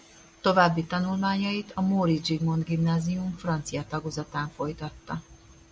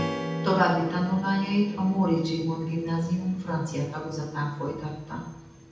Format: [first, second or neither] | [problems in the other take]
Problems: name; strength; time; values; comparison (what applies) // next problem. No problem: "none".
first | background sound (Strum); 10 dB below the speech // room echo; dies away in 0.8 s